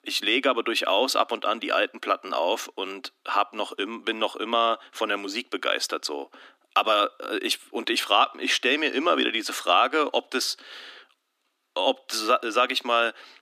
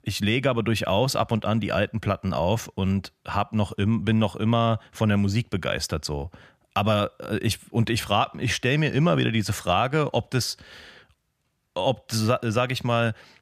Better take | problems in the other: second | thin; very; fading below 250 Hz

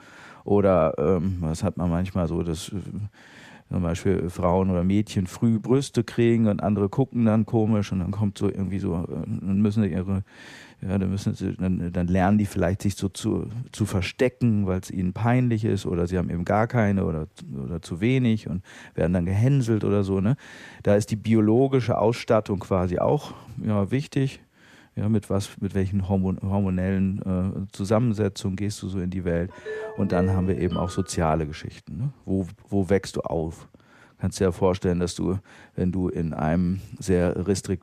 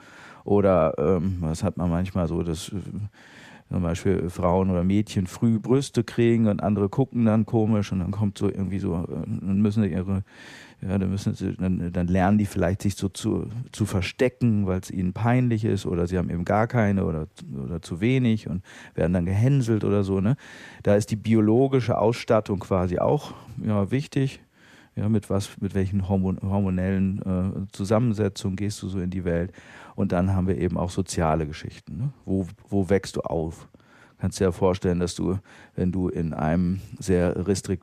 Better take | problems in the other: second | phone ringing; noticeable; from 30 to 31 s; peak 7 dB below the speech

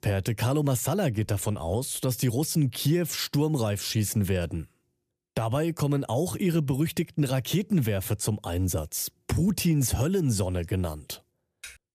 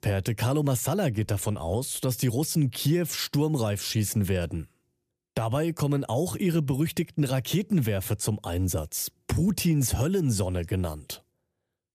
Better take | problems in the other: second | keyboard typing; faint; at 11 s; peak 20 dB below the speech

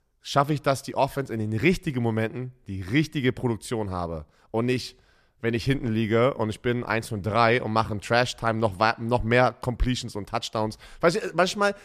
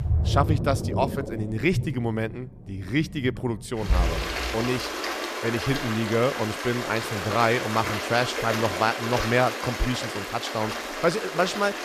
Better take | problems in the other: first | rain or running water; loud; throughout; 3 dB below the speech

